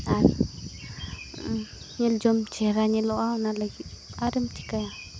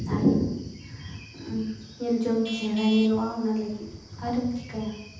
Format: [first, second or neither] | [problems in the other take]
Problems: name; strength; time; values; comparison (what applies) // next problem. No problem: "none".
first | background sound (Traffic noise, roadway noise / Vehicle horn, car horn, honking); 15 dB below the speech // room echo; dies away in 0.9 s